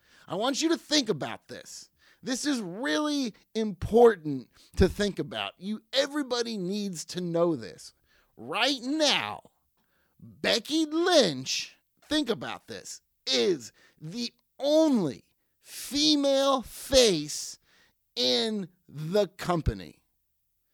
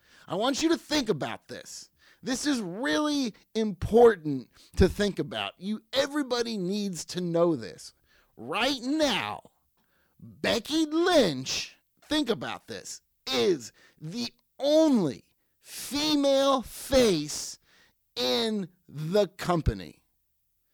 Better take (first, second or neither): first